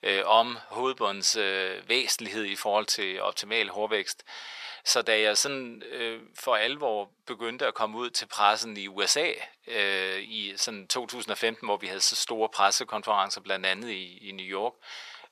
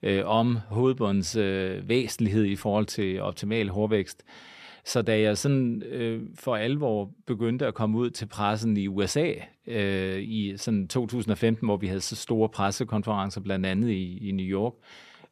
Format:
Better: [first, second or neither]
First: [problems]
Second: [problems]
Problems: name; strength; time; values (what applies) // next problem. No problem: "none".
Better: second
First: thin; very; fading below 850 Hz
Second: none